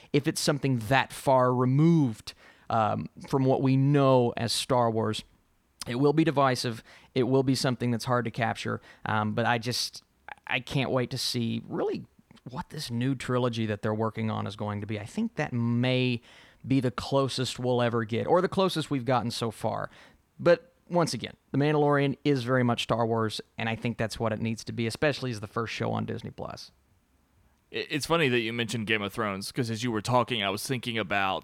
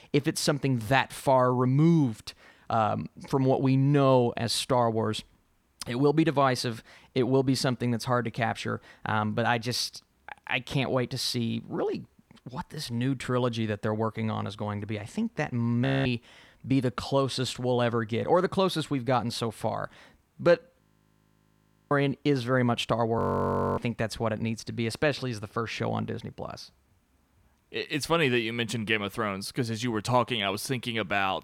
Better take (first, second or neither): first